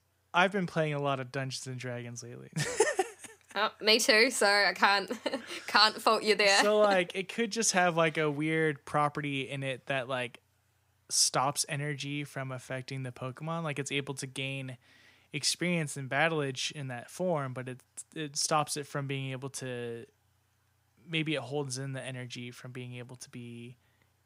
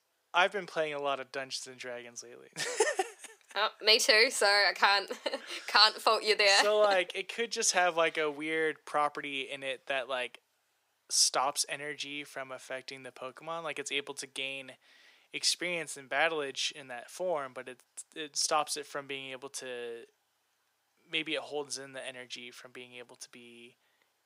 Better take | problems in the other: first | thin; somewhat; fading below 450 Hz

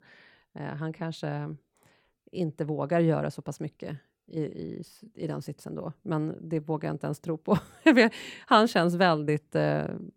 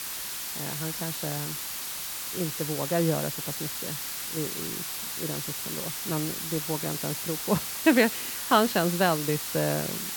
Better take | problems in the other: first | hiss; loud; throughout; 3 dB below the speech

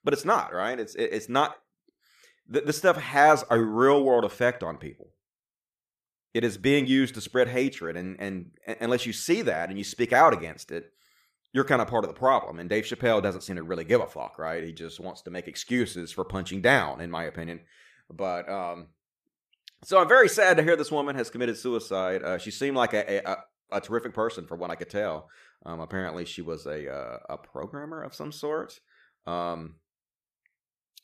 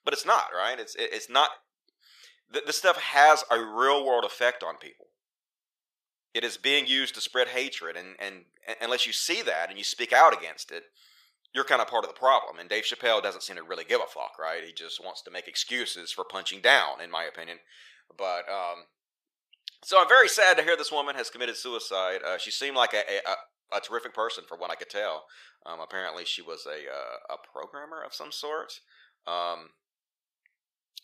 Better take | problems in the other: first | thin; very; fading below 700 Hz

